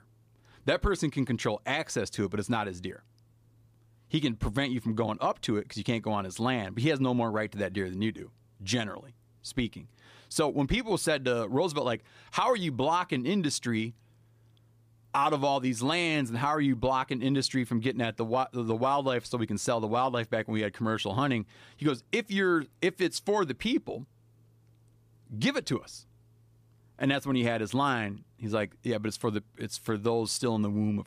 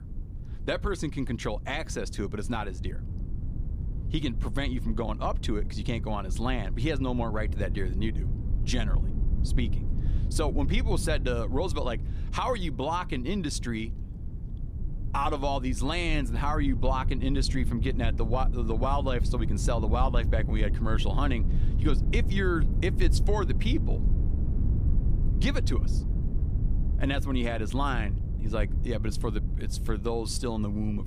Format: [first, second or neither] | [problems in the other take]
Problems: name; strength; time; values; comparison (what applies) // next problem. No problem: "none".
first | low rumble; noticeable; throughout; 15 dB below the speech